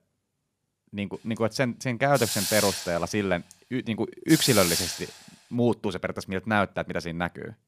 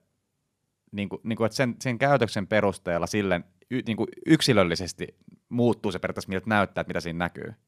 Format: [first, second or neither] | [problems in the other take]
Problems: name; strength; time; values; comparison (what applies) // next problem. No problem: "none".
second | hiss; loud; from 1 to 5.5 s; 1 dB below the speech